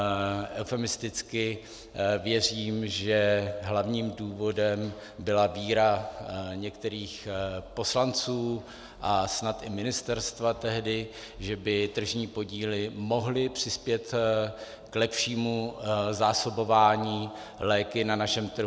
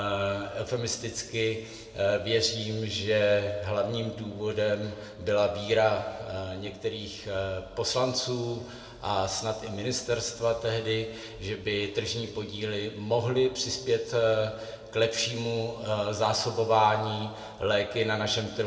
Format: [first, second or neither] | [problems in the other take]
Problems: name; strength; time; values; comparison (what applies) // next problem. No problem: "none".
first | room echo; dies away in 1.7 s